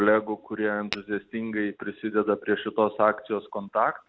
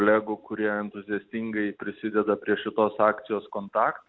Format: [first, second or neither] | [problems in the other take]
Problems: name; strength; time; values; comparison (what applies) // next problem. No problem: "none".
second | background sound (Tap / Glass); 13 dB below the speech